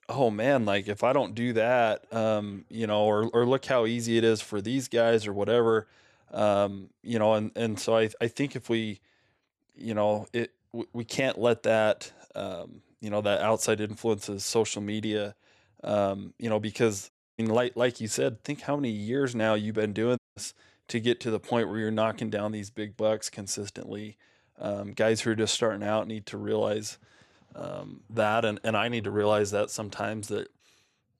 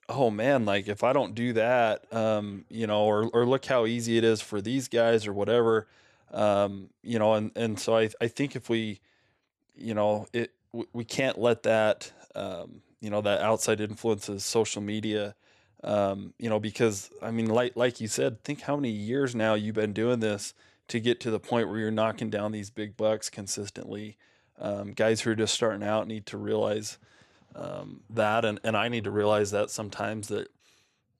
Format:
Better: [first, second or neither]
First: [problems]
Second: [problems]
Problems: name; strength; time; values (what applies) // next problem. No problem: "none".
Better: second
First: audio cutting out; at 17 s and at 20 s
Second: none